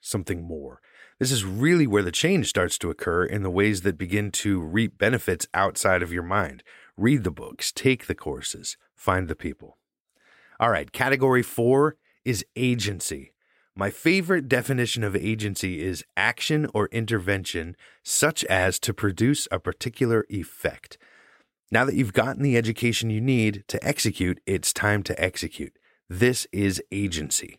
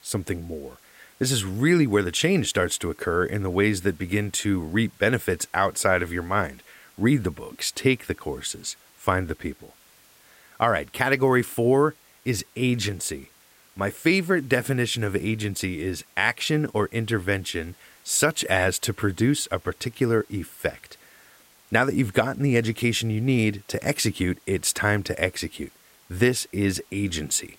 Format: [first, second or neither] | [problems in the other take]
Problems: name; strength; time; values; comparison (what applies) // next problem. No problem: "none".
first | hiss; faint; throughout; 30 dB below the speech